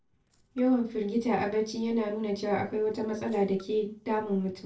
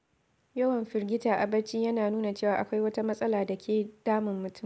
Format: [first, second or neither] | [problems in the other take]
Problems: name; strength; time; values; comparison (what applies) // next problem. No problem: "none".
second | noise reduction (neural separator model SepFormer DNS4)